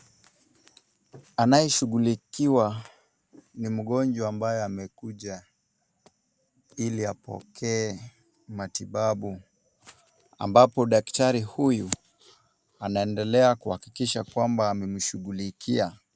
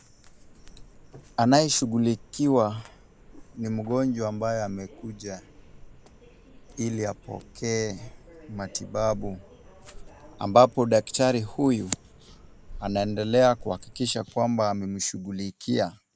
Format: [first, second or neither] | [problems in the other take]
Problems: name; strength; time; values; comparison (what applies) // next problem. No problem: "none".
first | background sound (Subway, metro, underground); 20 dB below the speech